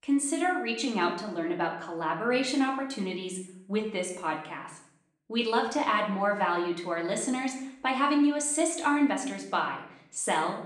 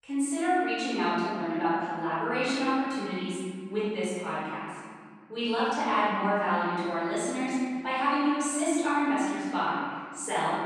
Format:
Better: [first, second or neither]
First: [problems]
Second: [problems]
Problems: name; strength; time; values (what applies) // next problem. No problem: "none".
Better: first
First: room echo; slight; dies away in 0.6 s // off-mic speech; somewhat distant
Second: room echo; strong; dies away in 1.9 s // off-mic speech; far